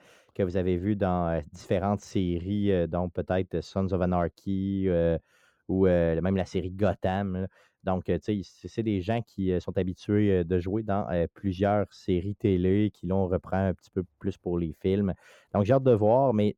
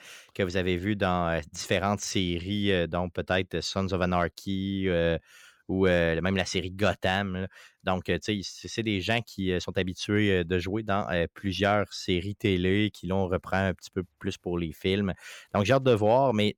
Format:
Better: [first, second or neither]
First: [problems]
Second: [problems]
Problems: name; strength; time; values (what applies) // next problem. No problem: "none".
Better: second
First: muffled; slightly; fading above 1 kHz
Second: none